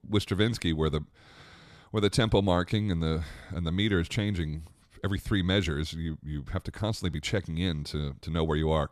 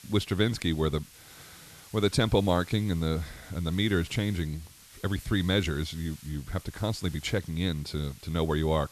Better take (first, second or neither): first